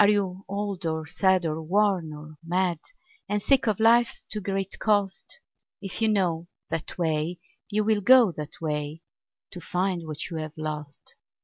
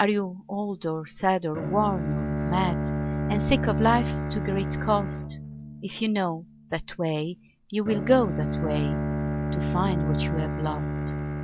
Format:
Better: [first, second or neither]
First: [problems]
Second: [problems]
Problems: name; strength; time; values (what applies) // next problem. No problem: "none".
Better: first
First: none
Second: background sound (Bowed string instrument); 2 dB below the speech